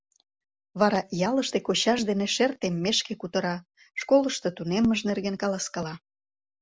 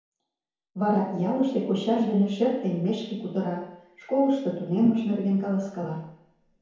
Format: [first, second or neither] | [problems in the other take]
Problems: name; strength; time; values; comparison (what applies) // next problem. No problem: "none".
first | room echo; dies away in 0.9 s